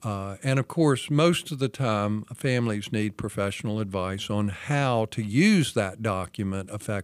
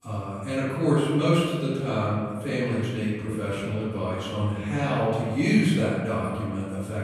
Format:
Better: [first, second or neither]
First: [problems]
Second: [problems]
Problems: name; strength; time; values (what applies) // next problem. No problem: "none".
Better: first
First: none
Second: off-mic speech; far // room echo; strong; dies away in 1.5 s